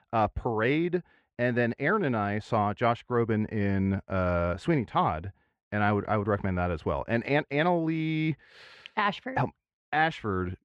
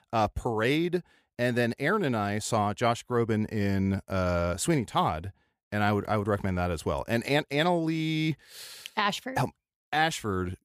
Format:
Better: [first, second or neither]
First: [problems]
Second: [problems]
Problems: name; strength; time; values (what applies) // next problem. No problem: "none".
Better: second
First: muffled; slightly; fading above 2 kHz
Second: none